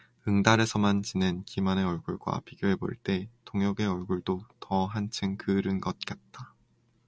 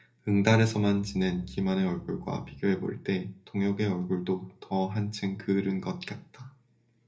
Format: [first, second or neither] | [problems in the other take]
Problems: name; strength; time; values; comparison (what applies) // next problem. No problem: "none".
first | background sound (Piano); 18 dB below the speech // room echo; dies away in 0.3 s